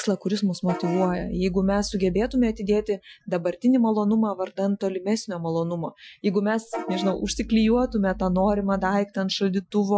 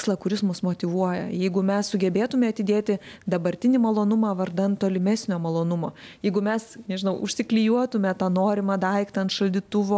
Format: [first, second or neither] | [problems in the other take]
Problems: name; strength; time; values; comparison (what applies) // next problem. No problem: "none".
second | noise reduction (classical method Wiener filter)